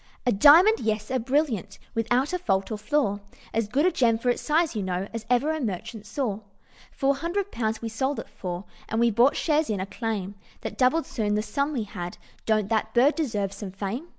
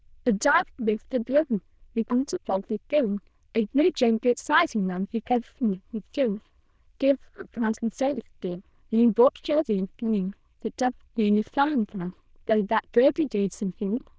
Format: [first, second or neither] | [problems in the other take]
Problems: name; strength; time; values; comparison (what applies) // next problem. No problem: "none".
first | noise reduction (neural diffusion model UNIVERSE++)